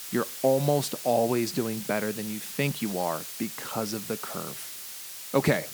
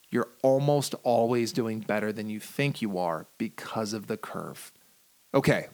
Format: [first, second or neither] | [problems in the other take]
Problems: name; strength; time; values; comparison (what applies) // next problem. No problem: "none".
second | hiss; loud; throughout; 8 dB below the speech; faint in the second